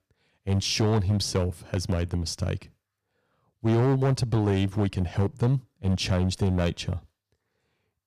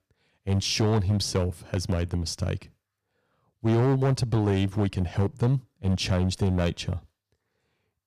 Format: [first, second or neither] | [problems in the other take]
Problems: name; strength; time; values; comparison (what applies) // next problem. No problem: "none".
neither | distortion; slight; 6% of the sound clipped; the same in both